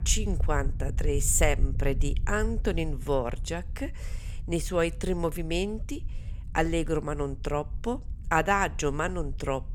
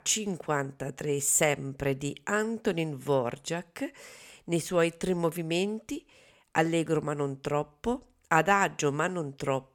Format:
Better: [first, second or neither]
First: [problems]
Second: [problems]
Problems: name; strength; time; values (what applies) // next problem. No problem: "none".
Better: second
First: low rumble; faint; throughout; 25 dB below the speech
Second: none